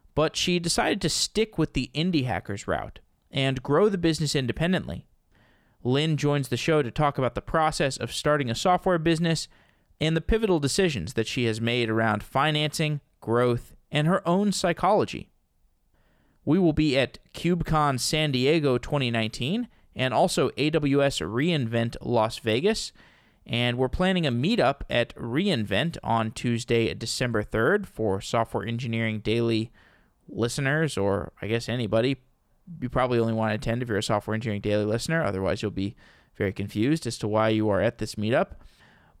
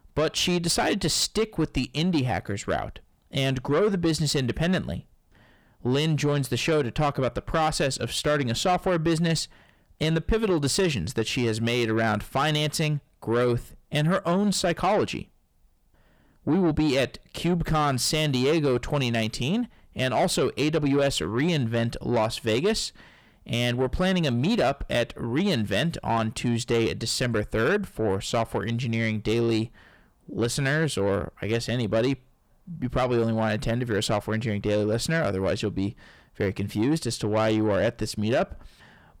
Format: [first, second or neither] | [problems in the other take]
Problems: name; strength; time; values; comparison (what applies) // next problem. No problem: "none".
first | distortion; slight; 10 dB below the speech